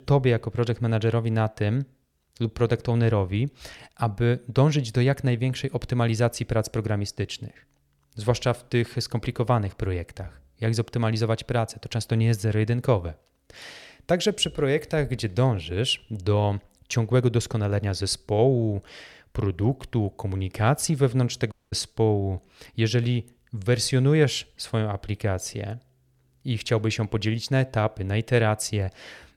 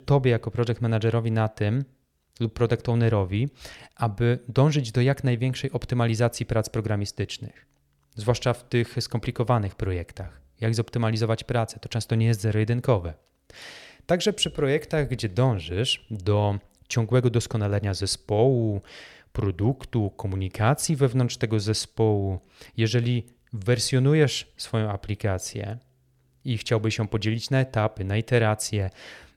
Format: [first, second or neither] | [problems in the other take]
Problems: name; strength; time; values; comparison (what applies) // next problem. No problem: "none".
second | audio cutting out; at 22 s